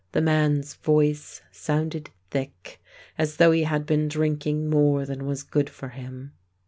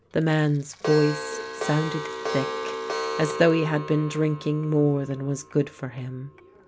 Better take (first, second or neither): first